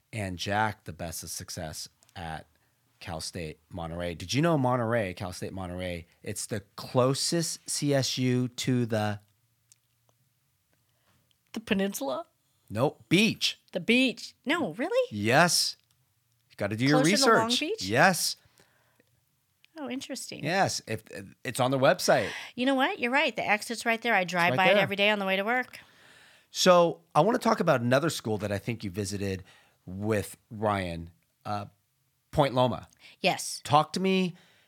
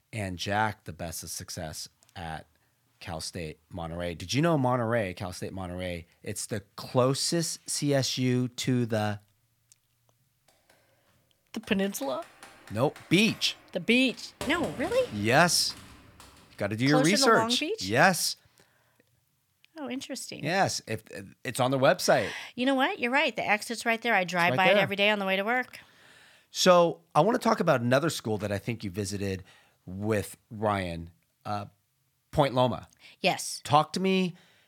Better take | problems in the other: first | keyboard typing; faint; from 12 to 16 s; peak 10 dB below the speech

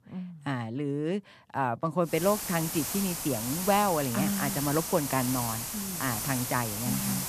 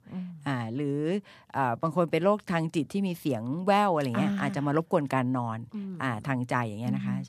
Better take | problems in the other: second | hiss; loud; from 2 s on; 2 dB below the speech

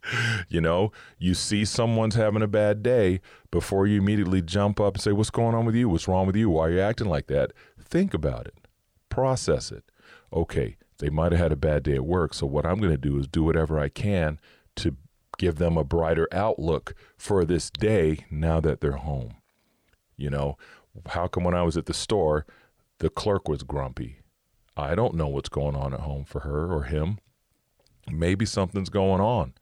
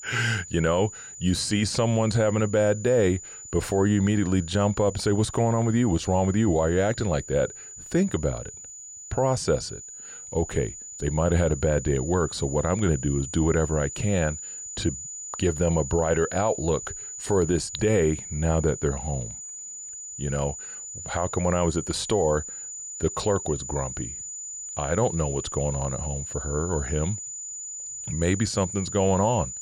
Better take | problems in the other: first | high-pitched whine; loud; throughout; 7 kHz, 10 dB below the speech

